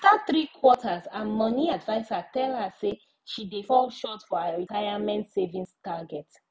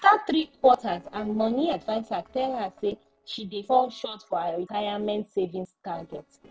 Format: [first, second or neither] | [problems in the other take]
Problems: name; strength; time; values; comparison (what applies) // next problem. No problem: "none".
first | noise reduction (neural separator model SepFormer DNS4)